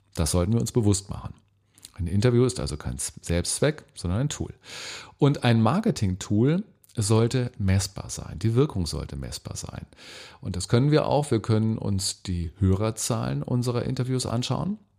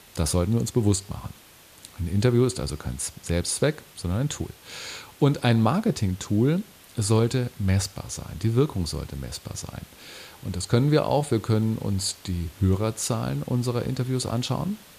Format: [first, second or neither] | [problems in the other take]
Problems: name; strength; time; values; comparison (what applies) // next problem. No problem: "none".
first | hiss; faint; throughout; 25 dB below the speech